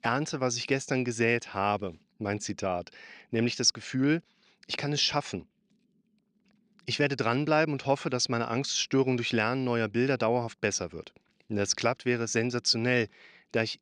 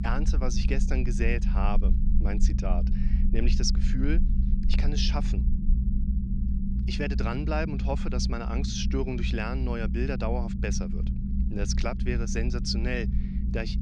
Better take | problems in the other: first | low rumble; loud; throughout; 8 dB below the speech

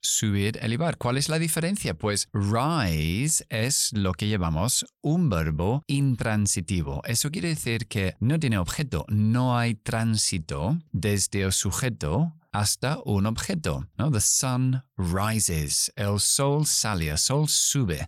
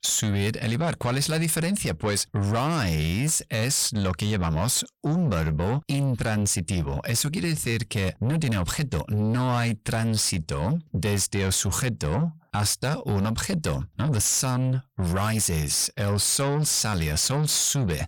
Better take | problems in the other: first | distortion; slight; 10 dB below the speech

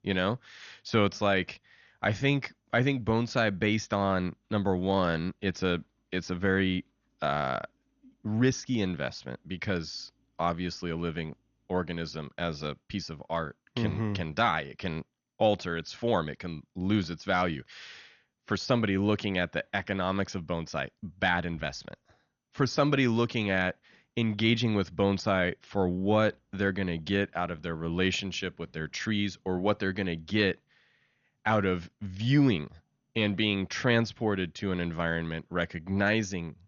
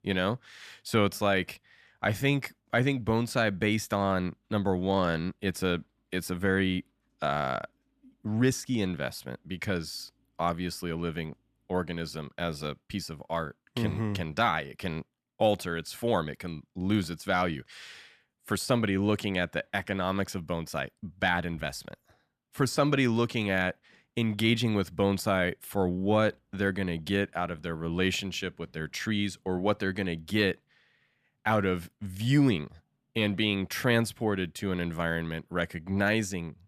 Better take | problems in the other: second | garbled, watery; slightly; nothing above 6.5 kHz

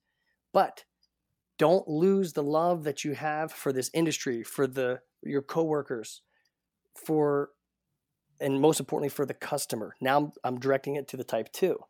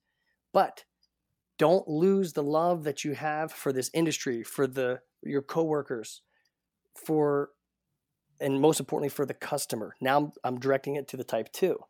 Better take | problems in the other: neither | none

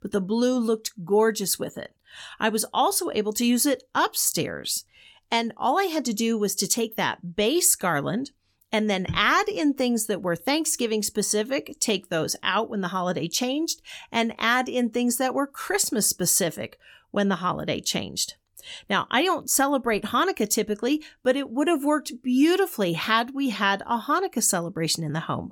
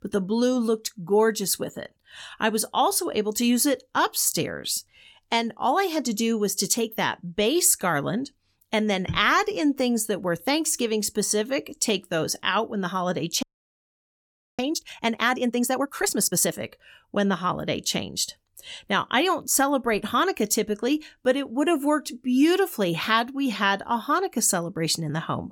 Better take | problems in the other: first | audio freezing; at 13 s for 1 s

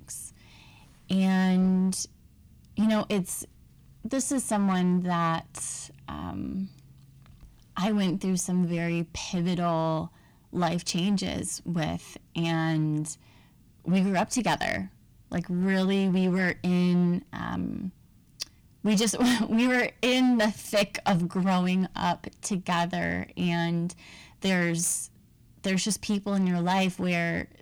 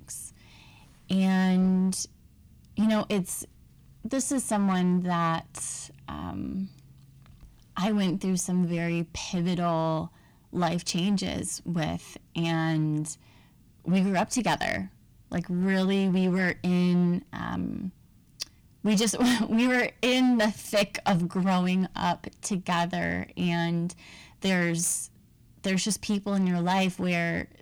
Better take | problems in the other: neither | distortion; slight; 7% of the sound clipped; the same in both

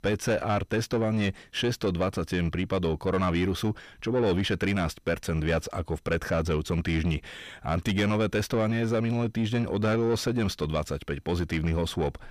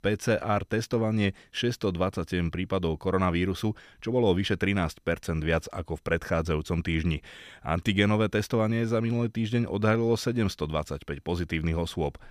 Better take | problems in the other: second | distortion; slight; 10 dB below the speech

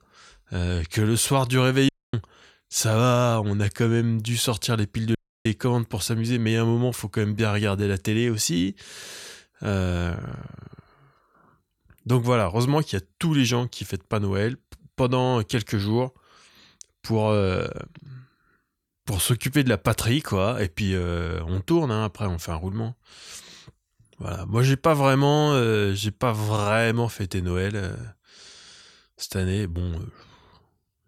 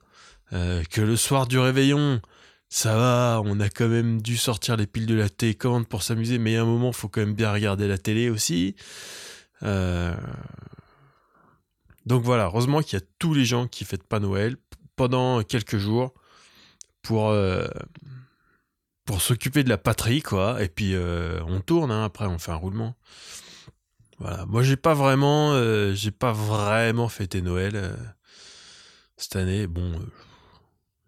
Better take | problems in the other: second | audio cutting out; at 2 s and at 5 s

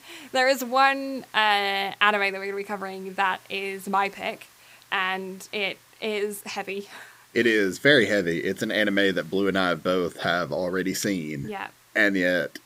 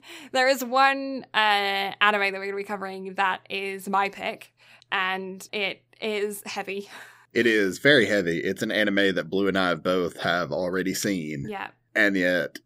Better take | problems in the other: second | hiss; faint; throughout; 30 dB below the speech

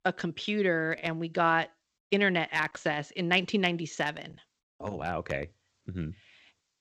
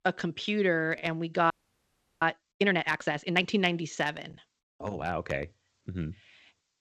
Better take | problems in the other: first | audio freezing; at 1.5 s for 0.5 s

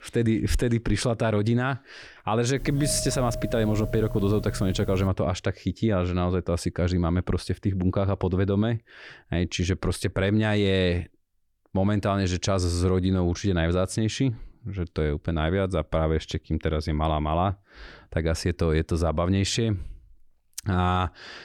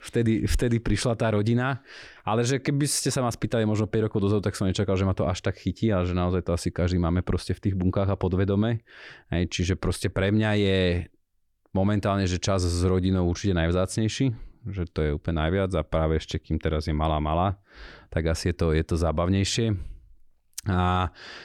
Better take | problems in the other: second | doorbell; noticeable; from 2.5 to 5 s; peak 7 dB below the speech

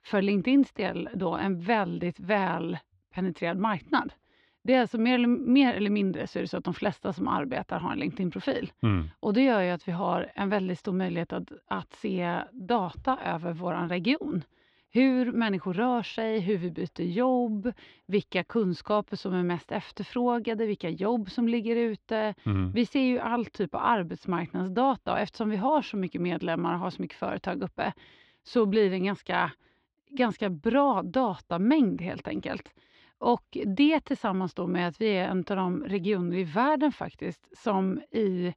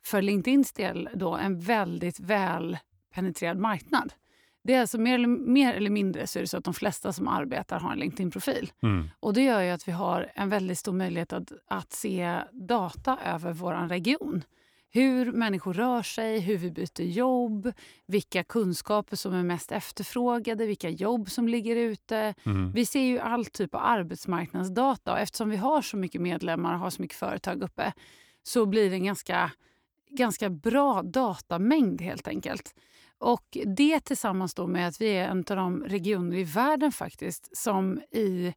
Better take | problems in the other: second | muffled; very slightly; fading above 4 kHz

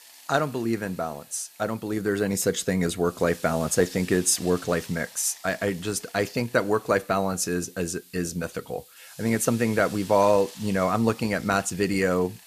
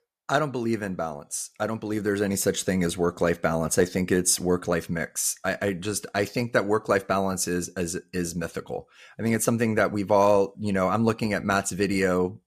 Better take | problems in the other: second | hiss; noticeable; throughout; 20 dB below the speech

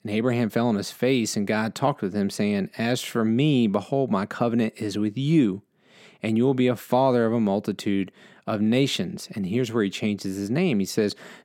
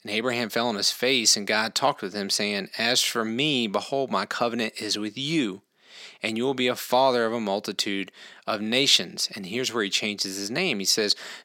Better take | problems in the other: first | thin; somewhat; fading below 1 kHz

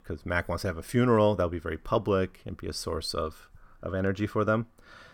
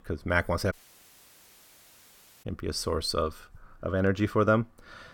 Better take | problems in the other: first | audio cutting out; at 0.5 s for 1.5 s

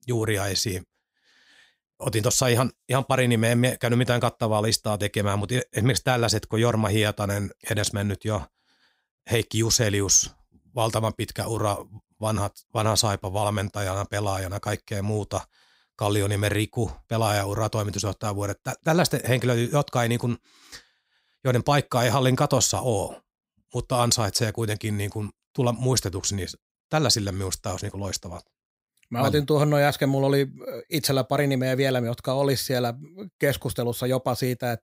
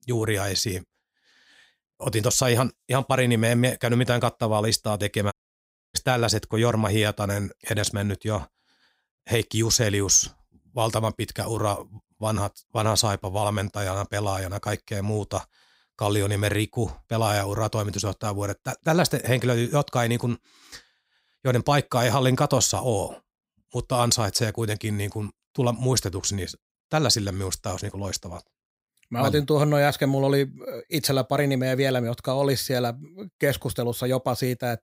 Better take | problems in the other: first | audio cutting out; at 5.5 s for 0.5 s

